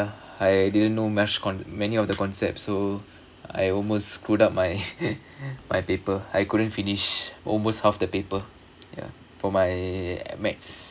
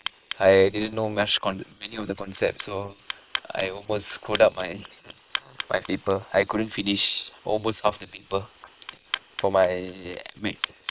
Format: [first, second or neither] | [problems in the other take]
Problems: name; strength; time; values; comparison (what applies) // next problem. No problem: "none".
first | noise reduction (neural separator model SepFormer WHAM!)